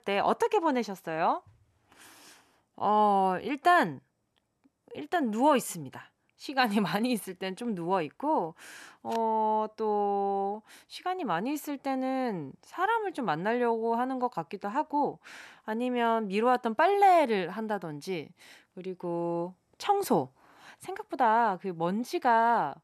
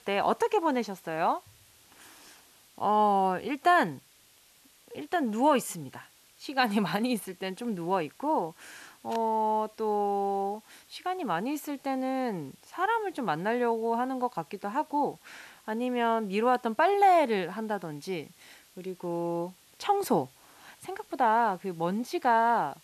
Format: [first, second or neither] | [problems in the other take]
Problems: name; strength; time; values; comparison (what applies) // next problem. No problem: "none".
first | hiss; faint; throughout; 30 dB below the speech